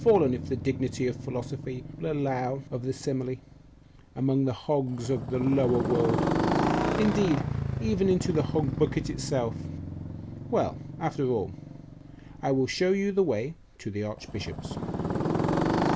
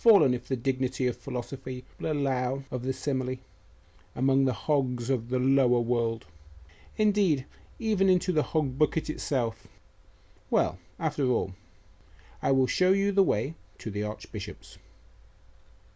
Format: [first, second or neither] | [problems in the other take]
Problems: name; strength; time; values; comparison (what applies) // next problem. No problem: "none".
second | background sound (Motorcycle); 3 dB below the speech